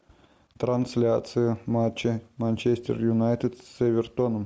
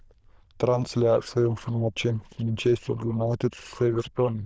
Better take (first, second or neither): first